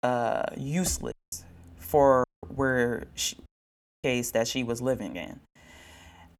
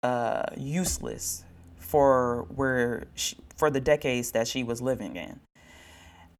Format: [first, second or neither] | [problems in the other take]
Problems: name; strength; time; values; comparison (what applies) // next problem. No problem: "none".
second | audio cutting out; at 1 s, at 2 s and at 3.5 s for 0.5 s